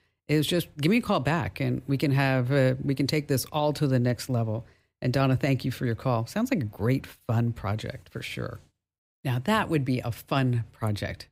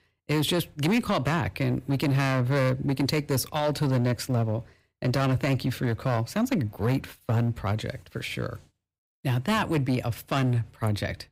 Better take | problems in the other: first | distortion; slight; 9% of the sound clipped

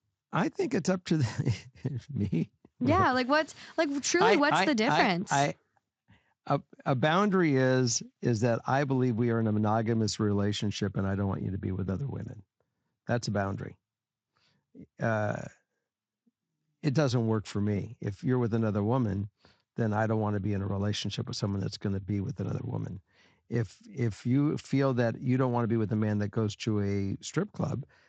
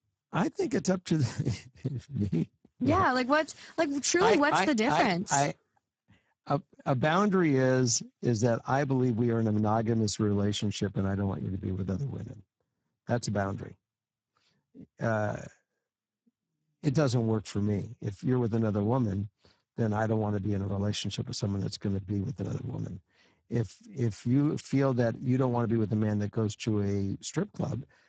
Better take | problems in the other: first | garbled, watery; badly; nothing above 7.5 kHz; slightly in the first

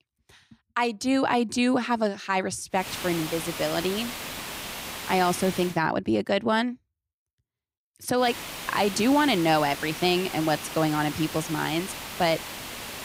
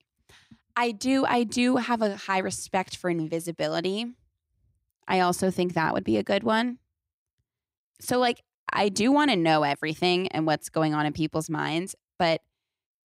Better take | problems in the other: second | hiss; loud; from 3 to 5.5 s and from 8 s on; 9 dB below the speech

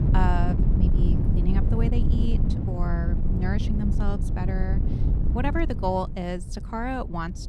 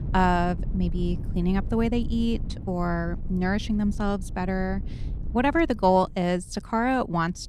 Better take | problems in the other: second | wind noise on the microphone; heavy; 5 dB below the speech; occasional gusts in the second

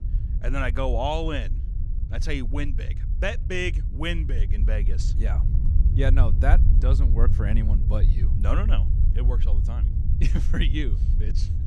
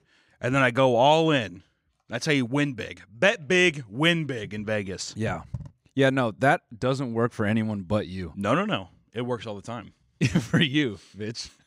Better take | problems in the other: second | low rumble; noticeable; throughout; 10 dB below the speech

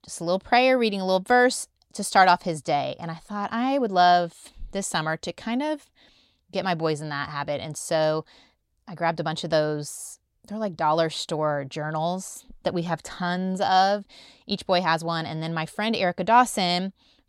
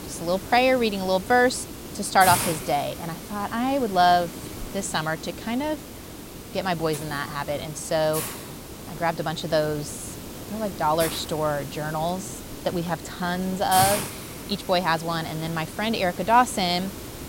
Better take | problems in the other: first | hiss; loud; throughout; 9 dB below the speech

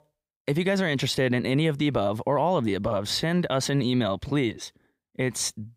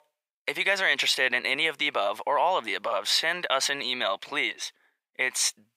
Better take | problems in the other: first | thin; very; fading below 850 Hz

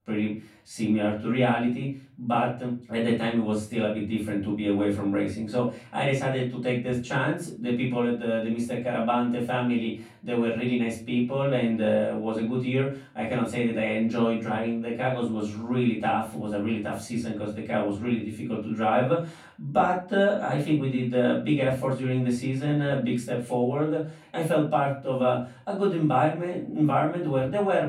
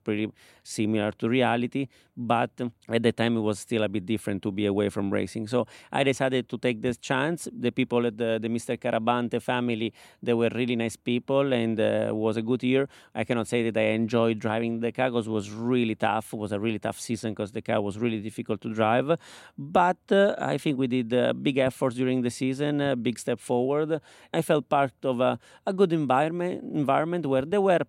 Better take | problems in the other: second | off-mic speech; far // room echo; slight; dies away in 0.3 s

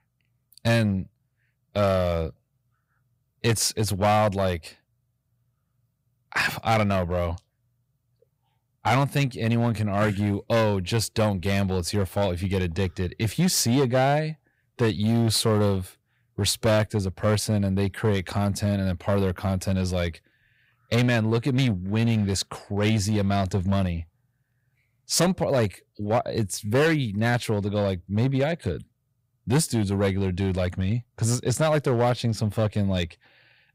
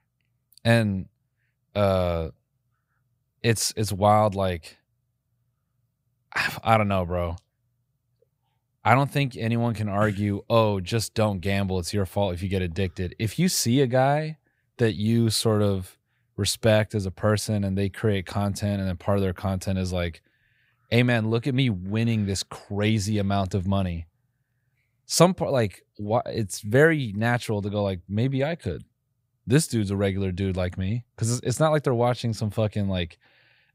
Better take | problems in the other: second | distortion; slight; 6% of the sound clipped

